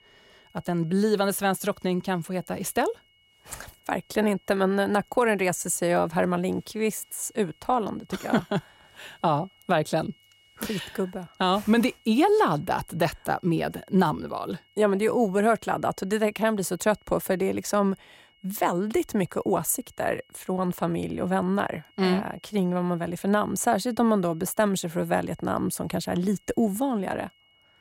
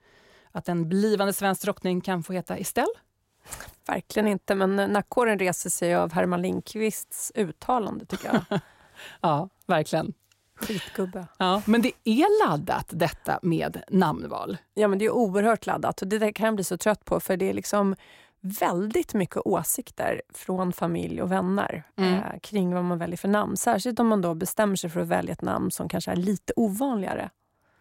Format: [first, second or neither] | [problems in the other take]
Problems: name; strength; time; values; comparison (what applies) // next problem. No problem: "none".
second | high-pitched whine; faint; throughout; 3 kHz, 35 dB below the speech